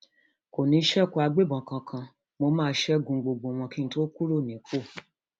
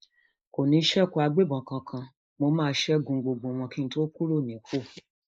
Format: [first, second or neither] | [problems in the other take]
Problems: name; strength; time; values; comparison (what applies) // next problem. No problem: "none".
first | noise reduction (neural mask model Resemble Enhance denoiser)